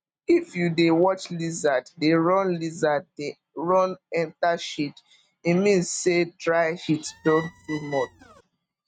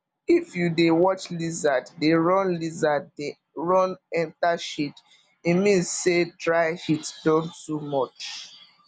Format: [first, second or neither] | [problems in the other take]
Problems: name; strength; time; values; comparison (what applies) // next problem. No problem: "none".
second | noise reduction (neural mask model RNNoise)